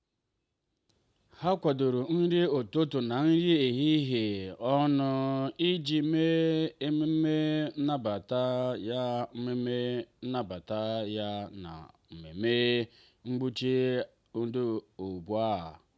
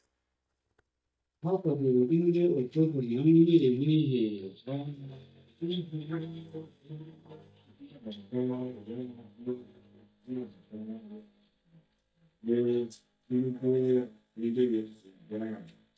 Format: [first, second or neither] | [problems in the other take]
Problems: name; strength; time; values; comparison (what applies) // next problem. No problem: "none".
first | noise reduction (neural mask model DeepFilterNet 3)